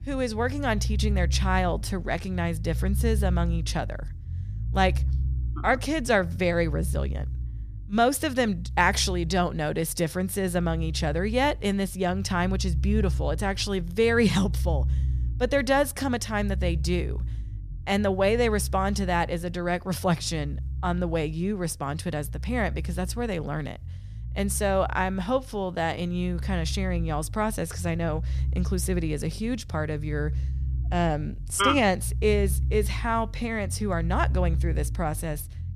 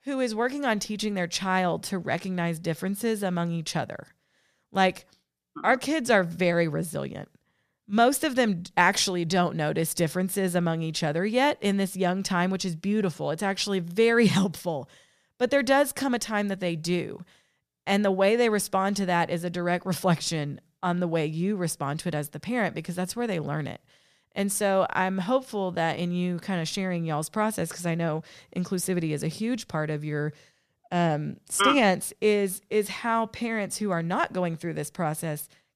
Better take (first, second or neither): second